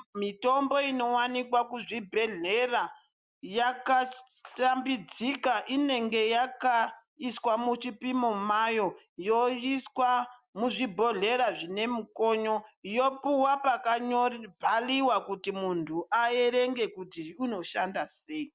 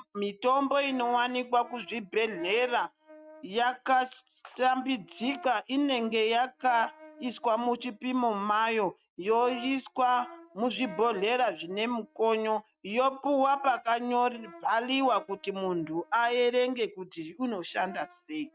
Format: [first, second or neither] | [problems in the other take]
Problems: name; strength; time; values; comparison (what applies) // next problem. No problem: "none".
first | noise reduction (neural mask model RNNoise)